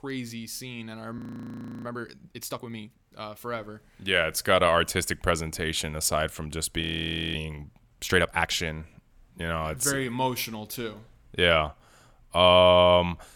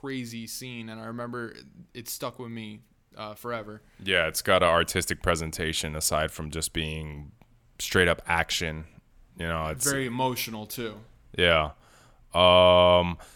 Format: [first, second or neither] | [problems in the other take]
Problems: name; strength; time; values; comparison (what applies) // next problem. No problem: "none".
second | audio freezing; at 1 s for 0.5 s and at 7 s for 0.5 s